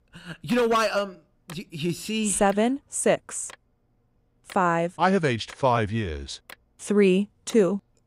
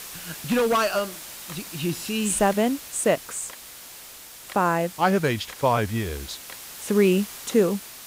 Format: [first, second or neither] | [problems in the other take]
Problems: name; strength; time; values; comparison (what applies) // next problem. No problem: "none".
first | hiss; noticeable; throughout; 15 dB below the speech